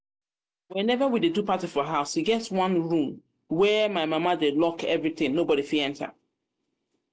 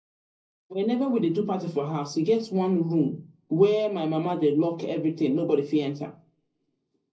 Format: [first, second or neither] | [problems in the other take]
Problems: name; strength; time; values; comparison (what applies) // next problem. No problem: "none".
first | room echo; dies away in 0.4 s